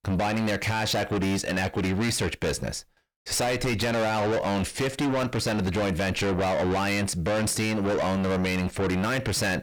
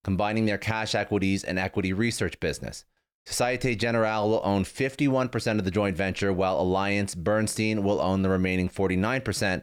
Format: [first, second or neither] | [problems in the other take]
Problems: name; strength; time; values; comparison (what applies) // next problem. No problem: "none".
second | distortion; heavy; 6 dB below the speech